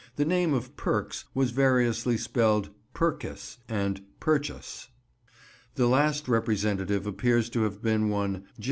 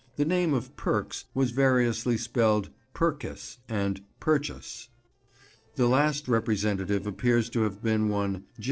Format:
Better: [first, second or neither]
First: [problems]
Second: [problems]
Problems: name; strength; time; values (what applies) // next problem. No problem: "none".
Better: first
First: none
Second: noise reduction (neural separator model SepFormer DNS4)